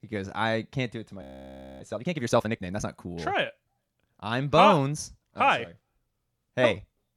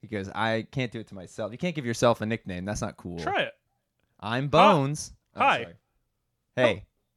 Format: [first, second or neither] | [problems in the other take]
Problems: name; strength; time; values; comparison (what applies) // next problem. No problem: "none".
second | audio freezing; at 1 s for 0.5 s